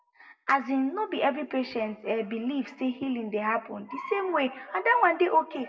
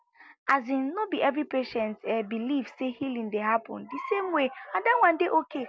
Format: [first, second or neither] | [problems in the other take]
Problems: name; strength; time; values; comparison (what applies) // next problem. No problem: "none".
second | room echo; dies away in 0.5 s